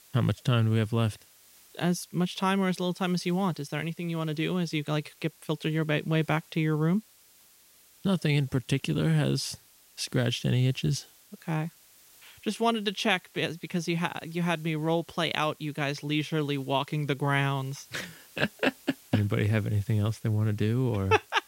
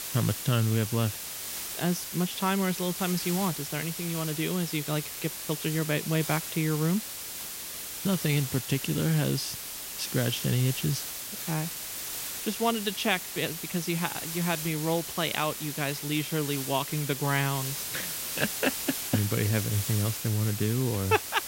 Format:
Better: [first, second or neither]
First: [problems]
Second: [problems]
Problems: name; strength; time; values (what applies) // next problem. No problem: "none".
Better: first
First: hiss; faint; throughout; 25 dB below the speech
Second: hiss; loud; throughout; 4 dB below the speech